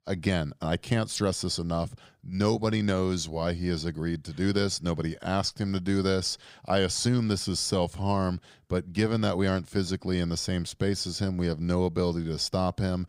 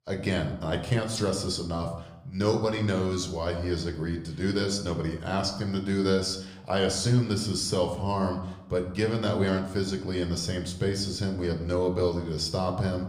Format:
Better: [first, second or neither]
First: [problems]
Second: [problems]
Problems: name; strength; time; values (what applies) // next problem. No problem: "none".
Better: first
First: none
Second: room echo; slight; dies away in 0.6 s